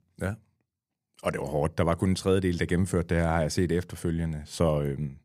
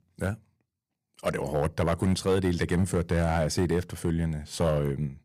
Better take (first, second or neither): first